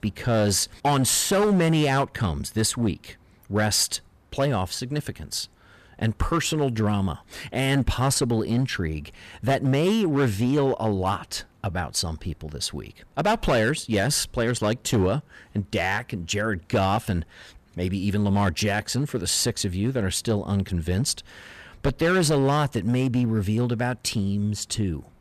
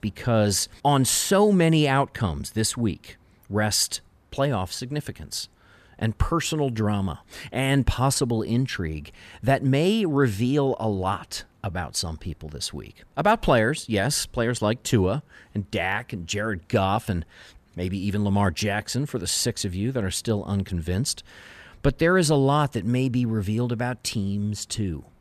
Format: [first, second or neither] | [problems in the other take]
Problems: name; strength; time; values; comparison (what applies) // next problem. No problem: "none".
second | distortion; slight; 6% of the sound clipped